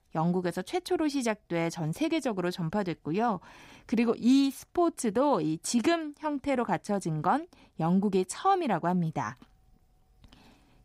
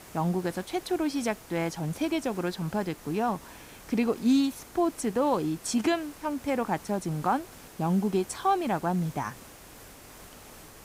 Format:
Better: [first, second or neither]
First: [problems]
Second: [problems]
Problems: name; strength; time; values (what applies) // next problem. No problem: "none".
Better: first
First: none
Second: hiss; noticeable; throughout; 20 dB below the speech